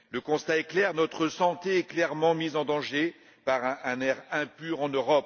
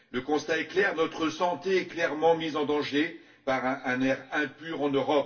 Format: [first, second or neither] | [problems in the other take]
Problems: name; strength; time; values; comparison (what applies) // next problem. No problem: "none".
first | room echo; dies away in 0.2 s